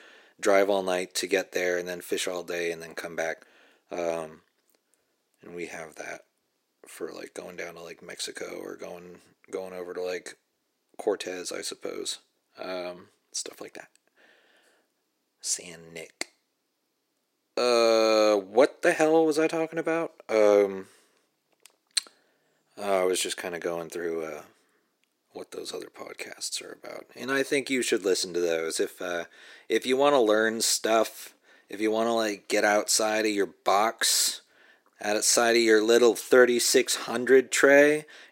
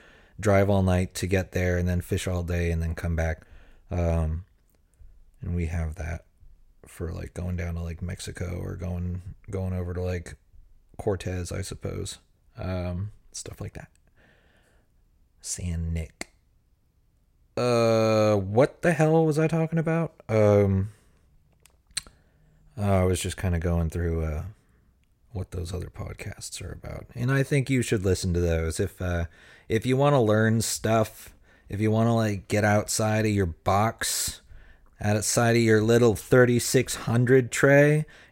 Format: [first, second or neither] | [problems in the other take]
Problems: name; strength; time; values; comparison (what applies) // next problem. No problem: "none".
second | thin; somewhat; fading below 300 Hz